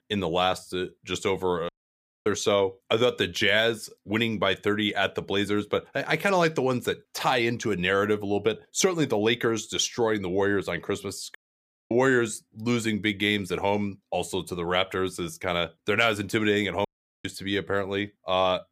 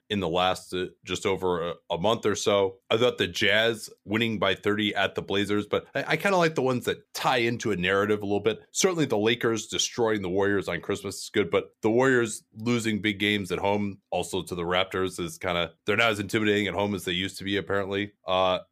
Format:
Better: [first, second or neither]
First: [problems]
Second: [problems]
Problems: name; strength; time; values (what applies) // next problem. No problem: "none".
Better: second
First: audio cutting out; at 1.5 s for 0.5 s, at 11 s for 0.5 s and at 17 s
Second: none